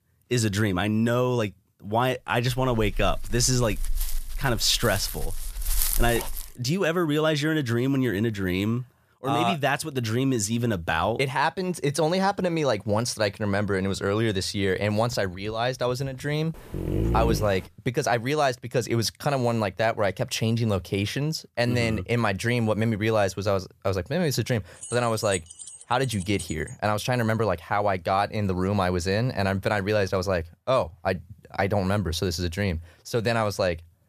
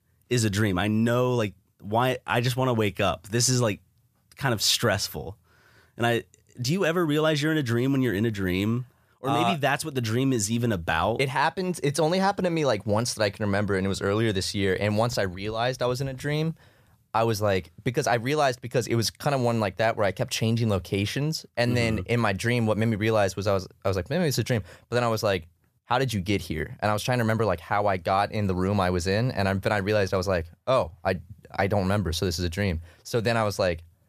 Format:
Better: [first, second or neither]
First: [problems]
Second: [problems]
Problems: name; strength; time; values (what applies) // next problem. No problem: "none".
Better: second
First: dog barking; loud; from 2.5 to 6.5 s and at 17 s; peak 1 dB above the speech // jangling keys; noticeable; from 25 to 27 s; peak 9 dB below the speech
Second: none